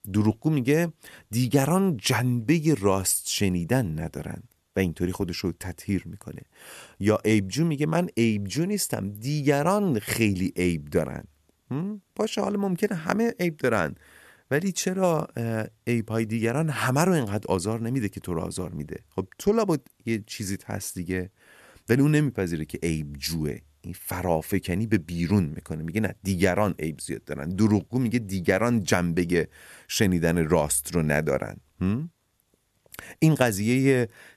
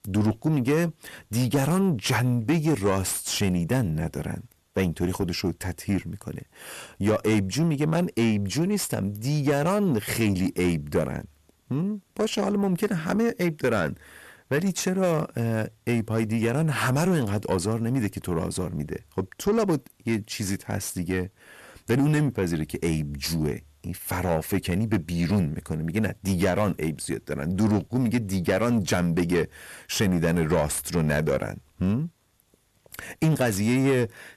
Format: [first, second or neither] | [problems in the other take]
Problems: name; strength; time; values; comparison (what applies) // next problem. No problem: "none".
first | distortion; slight; 10 dB below the speech